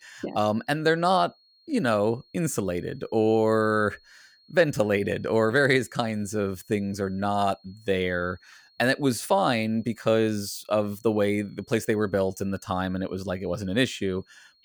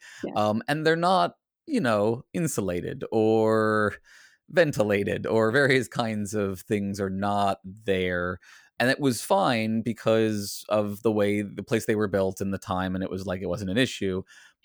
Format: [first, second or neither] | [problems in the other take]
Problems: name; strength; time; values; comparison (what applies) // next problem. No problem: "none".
second | high-pitched whine; faint; throughout; 4.5 kHz, 35 dB below the speech